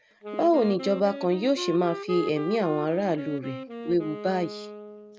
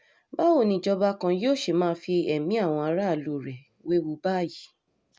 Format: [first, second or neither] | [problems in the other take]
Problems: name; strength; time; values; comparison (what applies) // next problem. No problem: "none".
second | background sound (Wind instrument, woodwind instrument); 11 dB below the speech